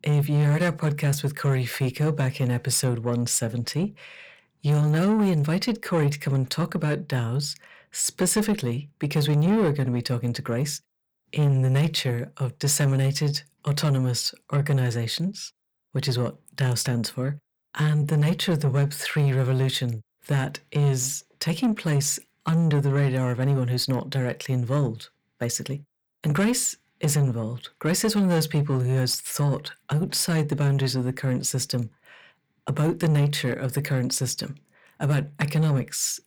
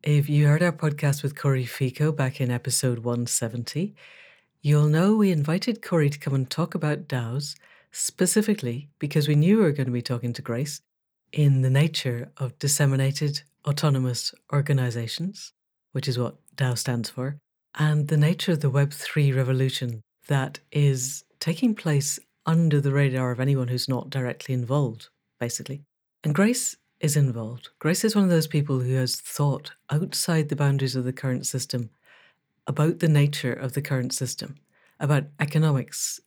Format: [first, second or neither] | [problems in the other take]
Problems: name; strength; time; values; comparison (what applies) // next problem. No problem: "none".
second | distortion; slight; 10 dB below the speech